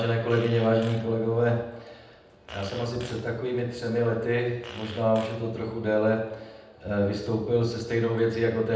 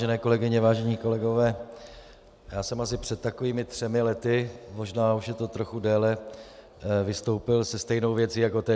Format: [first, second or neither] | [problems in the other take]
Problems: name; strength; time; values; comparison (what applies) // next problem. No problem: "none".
second | background sound (Fart); 19 dB below the speech // room echo; dies away in 0.8 s